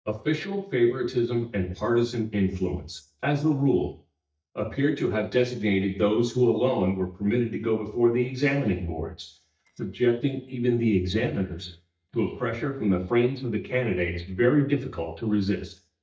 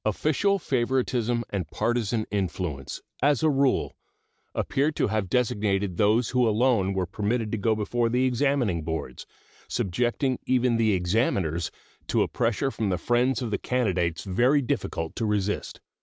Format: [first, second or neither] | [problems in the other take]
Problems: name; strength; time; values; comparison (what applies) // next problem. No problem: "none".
second | noise reduction (neural mask model DeepFilterNet 3)